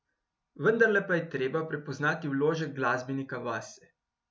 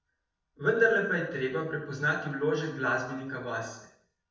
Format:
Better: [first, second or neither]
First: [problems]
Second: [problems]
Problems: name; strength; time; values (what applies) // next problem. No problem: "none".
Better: first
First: none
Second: room echo; dies away in 0.6 s